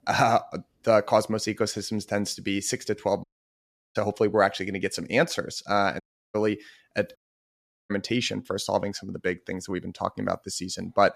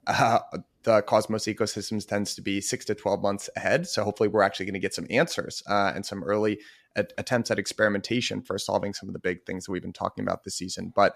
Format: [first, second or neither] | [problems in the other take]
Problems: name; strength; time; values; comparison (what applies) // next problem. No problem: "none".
second | audio cutting out; at 3 s for 0.5 s, at 6 s and at 7 s for 0.5 s